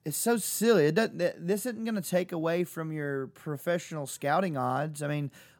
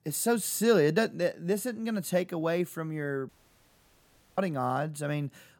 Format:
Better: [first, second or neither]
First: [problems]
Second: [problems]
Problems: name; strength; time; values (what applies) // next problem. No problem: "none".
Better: first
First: none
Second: audio cutting out; at 3.5 s for 1 s